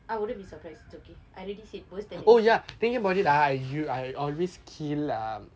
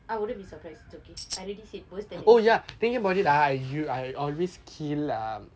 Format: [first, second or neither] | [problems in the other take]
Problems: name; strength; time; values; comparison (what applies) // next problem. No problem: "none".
first | background sound (Tambourine); 11 dB below the speech